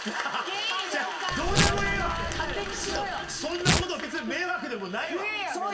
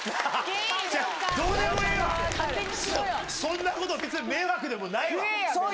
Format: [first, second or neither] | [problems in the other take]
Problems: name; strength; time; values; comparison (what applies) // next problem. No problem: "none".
second | background sound (Tearing); 3 dB below the speech // room echo; dies away in 0.7 s